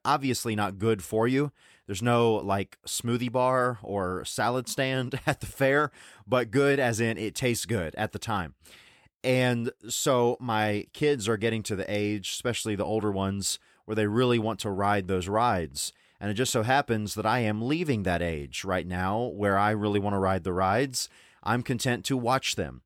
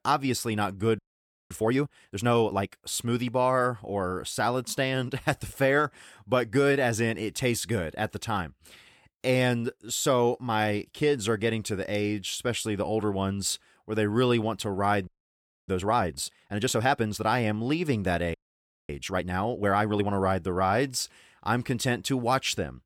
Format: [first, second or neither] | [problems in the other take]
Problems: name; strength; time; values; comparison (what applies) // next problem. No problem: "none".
first | audio freezing; at 1 s for 0.5 s, at 15 s for 0.5 s and at 18 s for 0.5 s